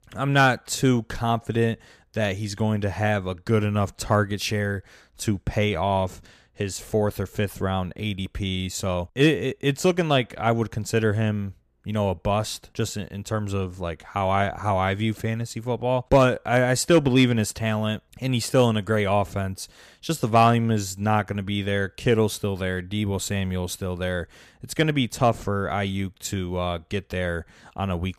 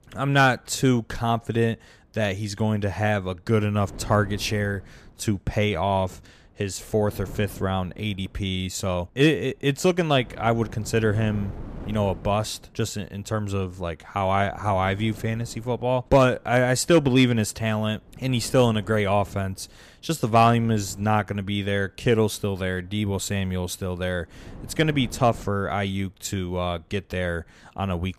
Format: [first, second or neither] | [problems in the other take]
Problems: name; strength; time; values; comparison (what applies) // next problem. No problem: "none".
first | wind noise on the microphone; occasional gusts; 25 dB below the speech